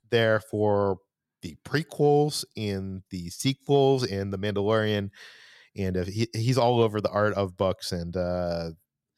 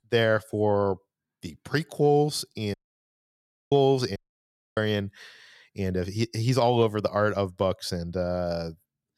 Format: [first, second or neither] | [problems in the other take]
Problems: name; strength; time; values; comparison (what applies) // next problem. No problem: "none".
first | audio cutting out; at 2.5 s for 1 s and at 4 s for 0.5 s